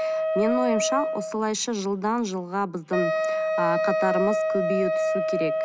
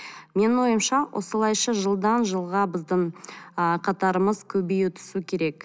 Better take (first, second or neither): second